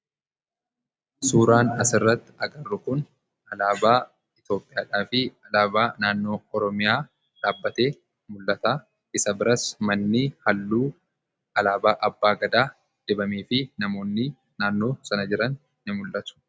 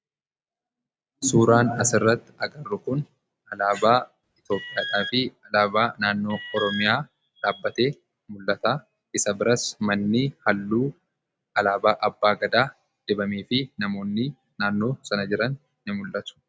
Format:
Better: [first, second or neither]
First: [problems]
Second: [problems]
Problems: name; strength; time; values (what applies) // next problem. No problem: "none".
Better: first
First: none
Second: background sound (Alarm); 10 dB below the speech